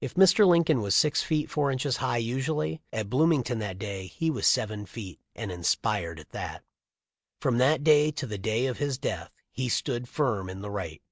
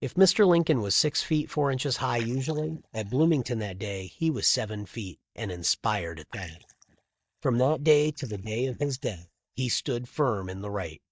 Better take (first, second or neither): first